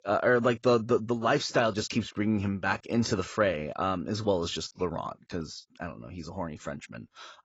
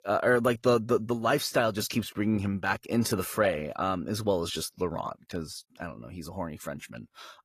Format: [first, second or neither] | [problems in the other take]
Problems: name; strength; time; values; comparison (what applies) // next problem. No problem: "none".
second | garbled, watery; badly; nothing above 7.5 kHz; slightly in the second